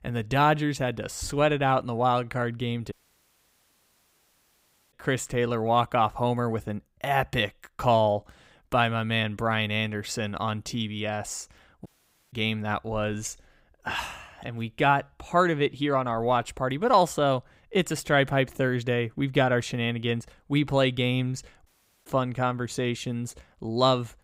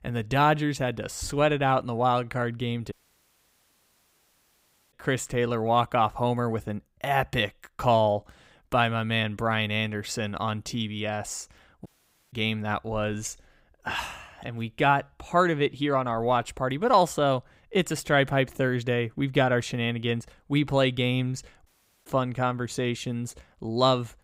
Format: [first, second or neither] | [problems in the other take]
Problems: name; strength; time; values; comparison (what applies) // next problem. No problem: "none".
neither | audio cutting out; at 3 s for 2 s, at 12 s and at 22 s; the same in both